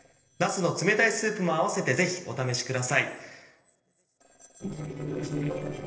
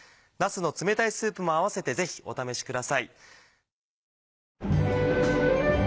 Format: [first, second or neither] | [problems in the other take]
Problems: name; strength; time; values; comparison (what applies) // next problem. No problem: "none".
second | noise reduction (neural separator model SepFormer DNS4)